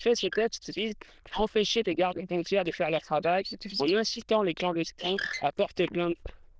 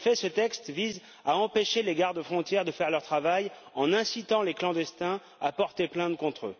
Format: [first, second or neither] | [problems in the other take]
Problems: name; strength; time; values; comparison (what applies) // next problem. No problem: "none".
second | noise reduction (neural diffusion model UNIVERSE++)